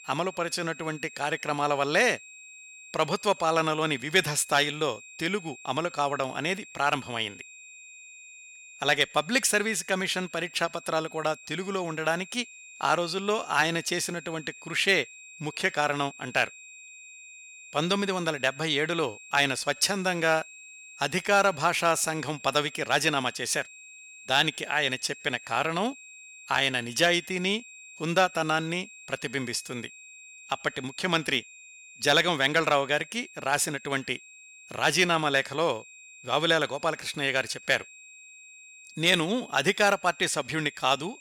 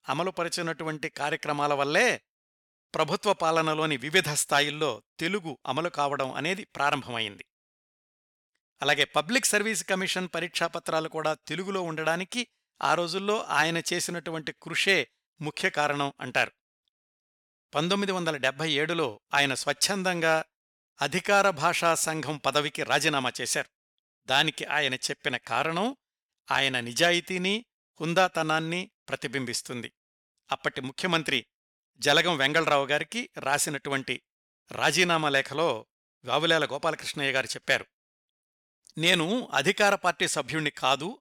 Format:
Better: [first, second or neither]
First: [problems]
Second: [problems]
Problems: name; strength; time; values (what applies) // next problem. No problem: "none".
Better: second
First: high-pitched whine; noticeable; throughout; 2.5 kHz, 20 dB below the speech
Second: none